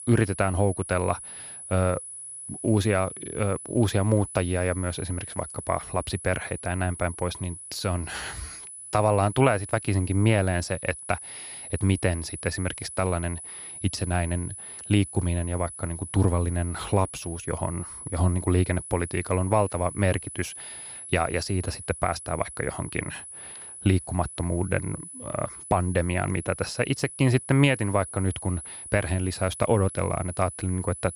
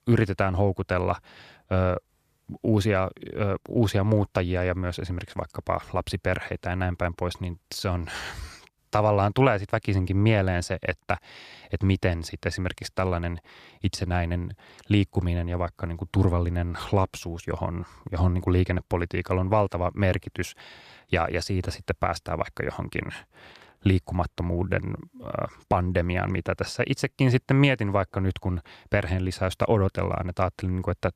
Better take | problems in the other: second | high-pitched whine; noticeable; throughout; 10 kHz, 10 dB below the speech

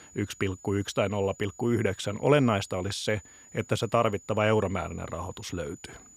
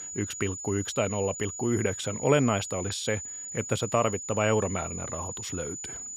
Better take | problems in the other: first | high-pitched whine; loud; throughout; 7 kHz, 6 dB below the speech; faint in the first

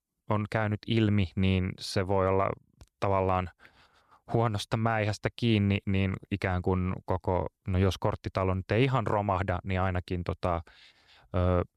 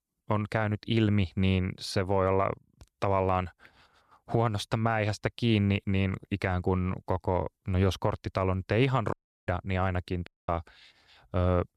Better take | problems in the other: first | audio cutting out; at 9 s and at 10 s

